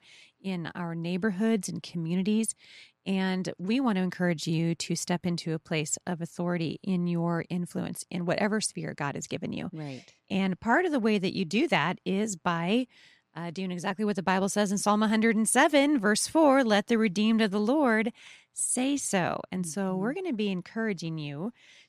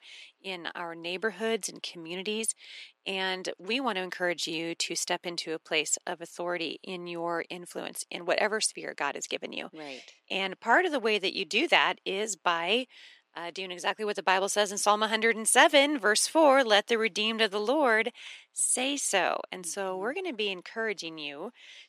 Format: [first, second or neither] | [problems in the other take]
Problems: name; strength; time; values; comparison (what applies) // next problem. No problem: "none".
first | thin; somewhat; fading below 350 Hz